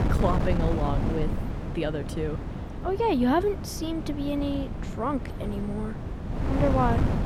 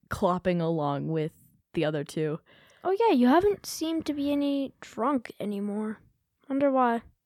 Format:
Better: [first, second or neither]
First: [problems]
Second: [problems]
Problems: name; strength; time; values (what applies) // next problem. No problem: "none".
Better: second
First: wind noise on the microphone; heavy; 7 dB below the speech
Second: none